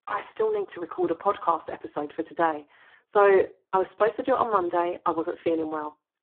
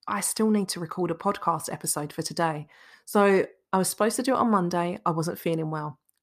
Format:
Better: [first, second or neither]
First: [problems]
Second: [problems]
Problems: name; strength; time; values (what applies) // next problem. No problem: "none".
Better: second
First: phone-call audio; poor line; nothing above 3.5 kHz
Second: none